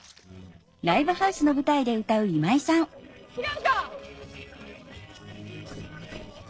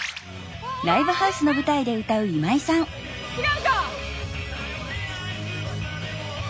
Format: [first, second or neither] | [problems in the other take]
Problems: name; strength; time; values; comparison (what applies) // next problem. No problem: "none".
second | noise reduction (neural separator model SepFormer DNS4)